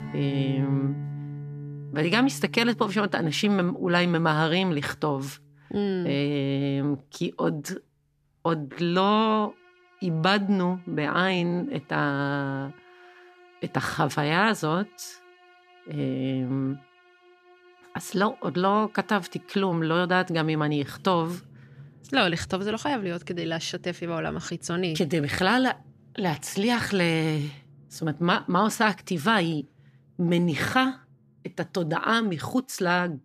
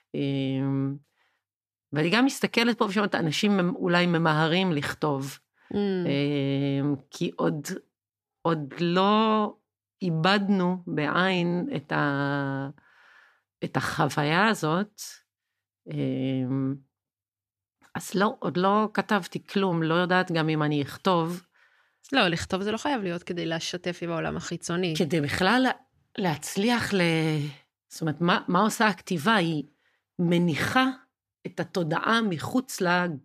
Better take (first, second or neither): second